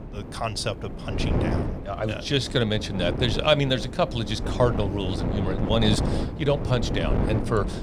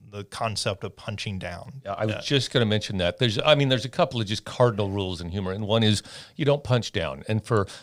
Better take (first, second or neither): second